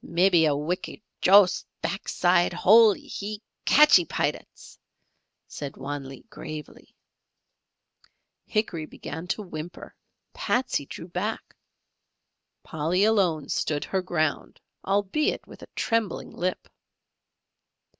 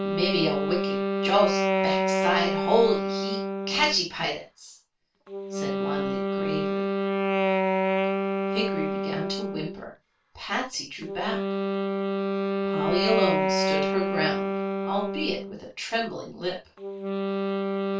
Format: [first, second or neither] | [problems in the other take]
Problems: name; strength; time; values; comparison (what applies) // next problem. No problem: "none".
first | background sound (Wind instrument, woodwind instrument); 3 dB above the speech // room echo; dies away in 0.2 s